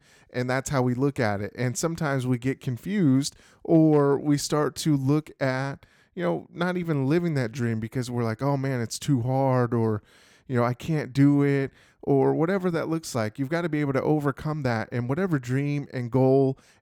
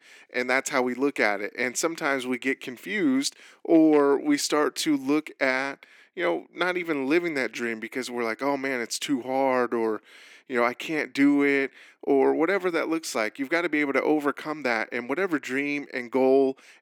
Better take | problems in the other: first | thin; very slightly; fading below 300 Hz

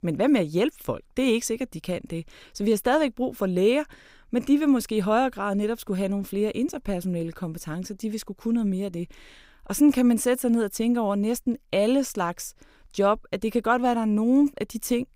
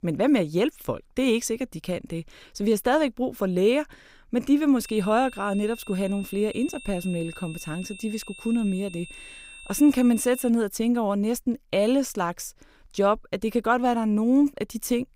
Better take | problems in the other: first | high-pitched whine; noticeable; from 5 to 10 s; 2.5 kHz, 15 dB below the speech

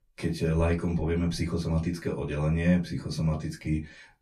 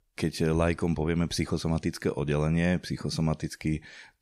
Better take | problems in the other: second | off-mic speech; far // room echo; very slight; dies away in 0.2 s

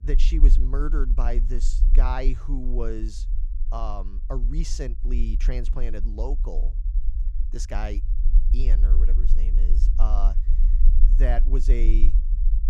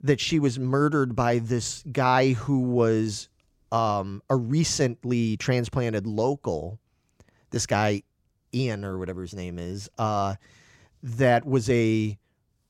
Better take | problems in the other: second | low rumble; noticeable; throughout; 15 dB below the speech

